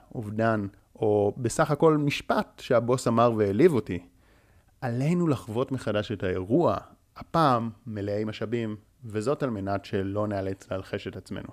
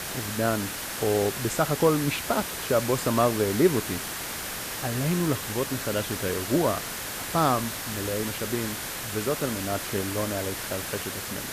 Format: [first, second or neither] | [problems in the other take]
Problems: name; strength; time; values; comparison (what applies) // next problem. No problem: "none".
first | hiss; loud; throughout; 4 dB below the speech